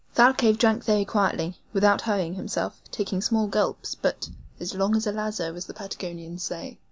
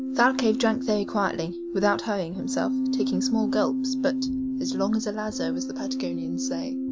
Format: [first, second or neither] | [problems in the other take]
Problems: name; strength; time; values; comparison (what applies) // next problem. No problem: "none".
first | background sound (Keyboard (musical)); 1 dB below the speech